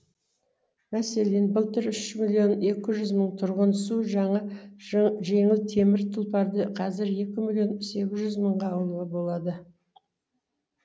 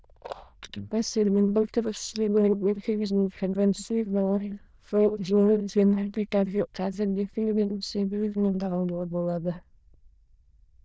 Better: first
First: none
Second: noise reduction (neural diffusion model UNIVERSE++)

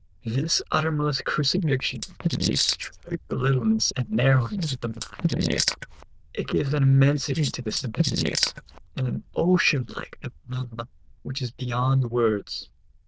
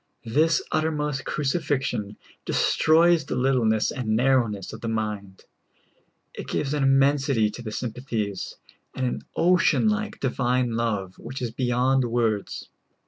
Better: second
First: noise reduction (neural diffusion model UNIVERSE++)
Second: none

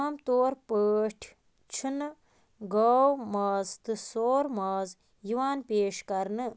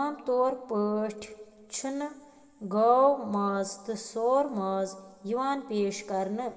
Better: first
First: none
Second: room echo; dies away in 1.5 s

